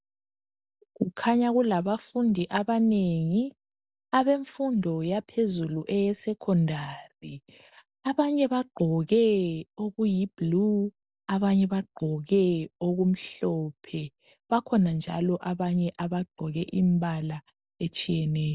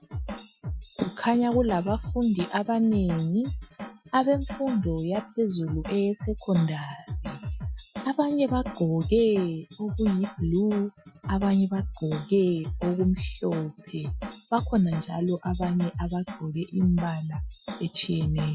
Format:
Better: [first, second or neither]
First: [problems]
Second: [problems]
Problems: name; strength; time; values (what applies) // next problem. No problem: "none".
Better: first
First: none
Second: noise reduction (classical method Wiener filter)